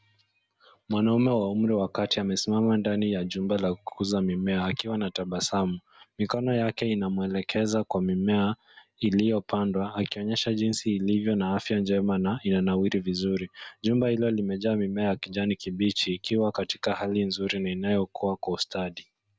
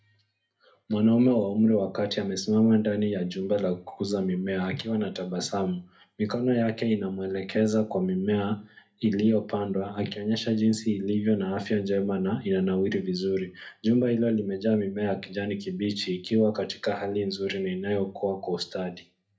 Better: first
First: none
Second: room echo; dies away in 0.3 s

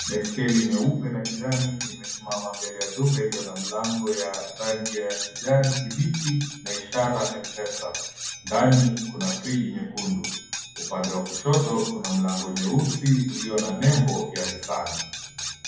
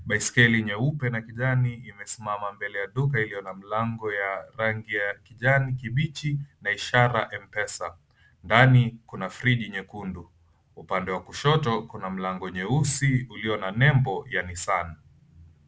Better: second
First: background sound (Cutlery, silverware); 9 dB below the speech // room echo; dies away in 1.2 s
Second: none

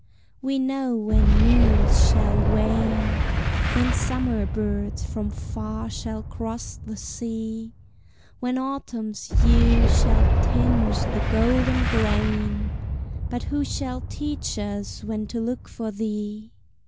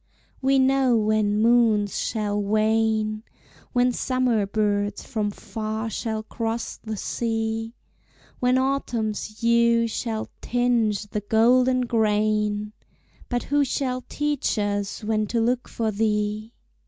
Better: second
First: background sound (Boom); 4 dB above the speech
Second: none

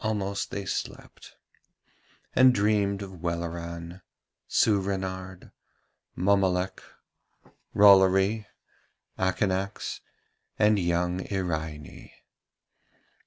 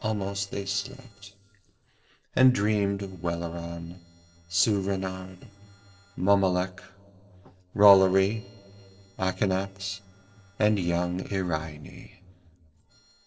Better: first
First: none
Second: noise reduction (neural separator model SepFormer DNS4)

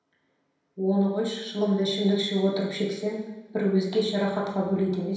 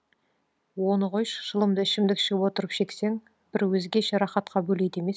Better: second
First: room echo; dies away in 0.9 s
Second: none

